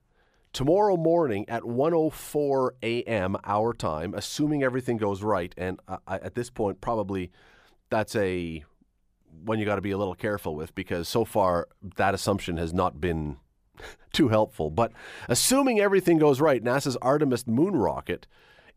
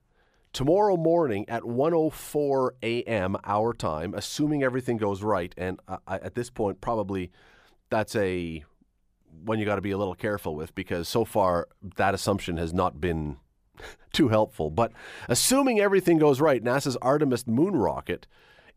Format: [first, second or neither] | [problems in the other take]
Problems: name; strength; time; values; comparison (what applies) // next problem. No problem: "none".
neither | none